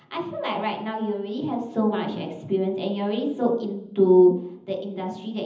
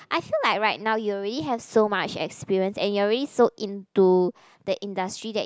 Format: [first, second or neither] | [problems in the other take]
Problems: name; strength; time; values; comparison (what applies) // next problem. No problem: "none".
second | room echo; dies away in 0.8 s